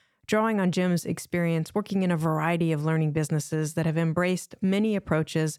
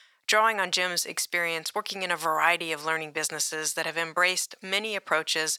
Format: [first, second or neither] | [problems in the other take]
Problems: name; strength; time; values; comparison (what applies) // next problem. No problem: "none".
first | thin; very; fading below 950 Hz